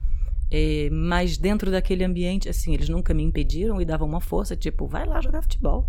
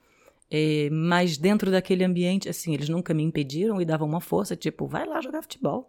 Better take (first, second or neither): second